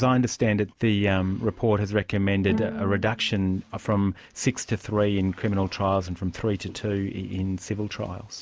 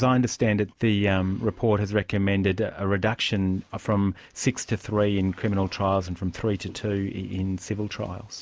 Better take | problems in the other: second | background sound (Bowed string instrument); 10 dB below the speech

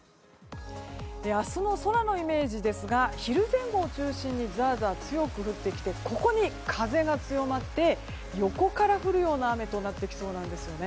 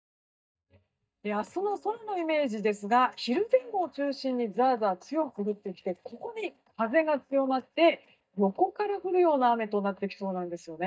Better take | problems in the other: first | noise reduction (neural mask model DeepFilterNet 3)

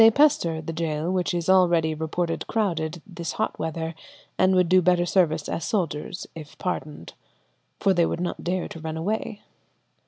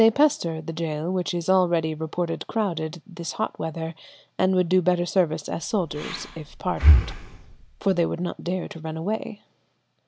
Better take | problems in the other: first | background sound (Breathing); 1 dB above the speech

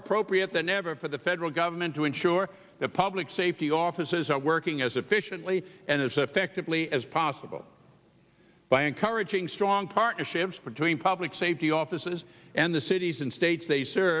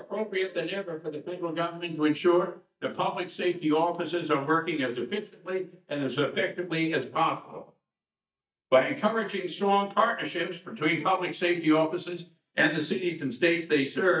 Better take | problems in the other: first | noise reduction (neural mask model DeepFilterNet 3)

